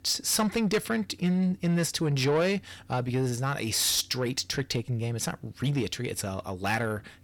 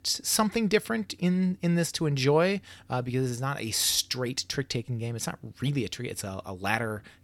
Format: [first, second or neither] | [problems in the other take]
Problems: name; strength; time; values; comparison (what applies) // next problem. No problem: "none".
second | distortion; slight; 10 dB below the speech